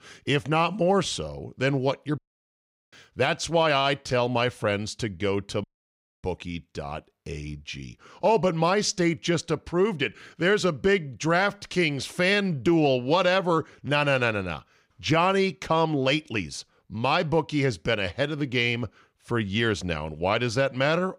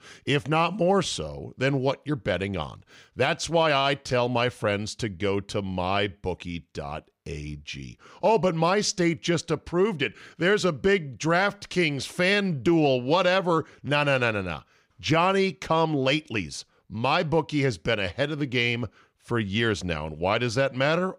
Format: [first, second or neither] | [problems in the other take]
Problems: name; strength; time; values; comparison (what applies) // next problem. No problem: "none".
second | audio cutting out; at 2 s for 0.5 s and at 5.5 s for 0.5 s